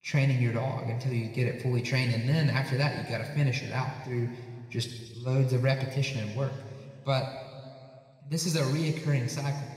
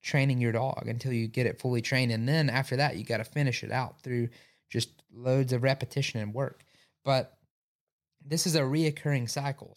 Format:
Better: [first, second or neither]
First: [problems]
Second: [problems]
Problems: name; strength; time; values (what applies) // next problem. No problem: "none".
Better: second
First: room echo; noticeable; dies away in 2 s // off-mic speech; somewhat distant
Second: none